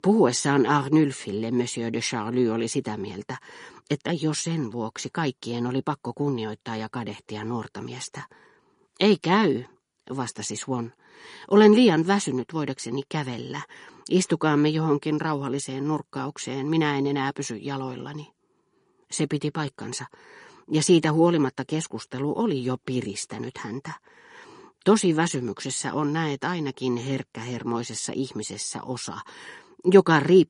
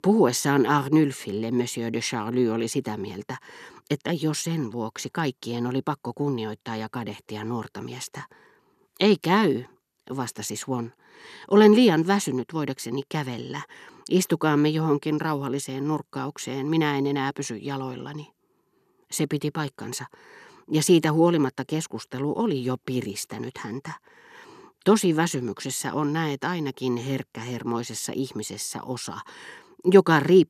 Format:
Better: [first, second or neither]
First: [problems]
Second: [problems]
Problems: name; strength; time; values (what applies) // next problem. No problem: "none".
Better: second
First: garbled, watery; slightly; nothing above 10.5 kHz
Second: none